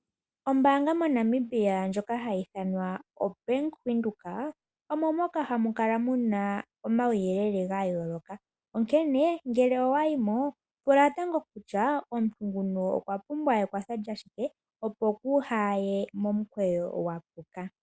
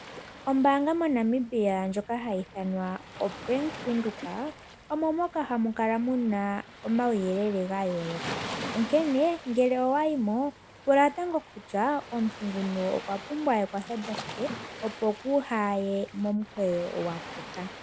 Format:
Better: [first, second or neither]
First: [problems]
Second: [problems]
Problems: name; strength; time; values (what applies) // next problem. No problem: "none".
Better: first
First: none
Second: background sound (Waves, surf); 14 dB below the speech